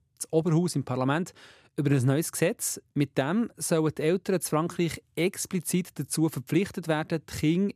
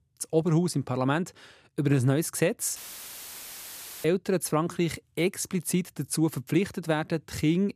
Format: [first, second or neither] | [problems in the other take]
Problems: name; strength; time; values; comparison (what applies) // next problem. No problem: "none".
first | audio cutting out; filled with static; at 3 s for 1.5 s